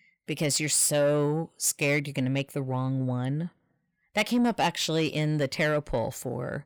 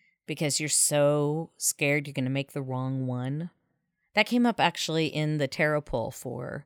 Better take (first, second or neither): second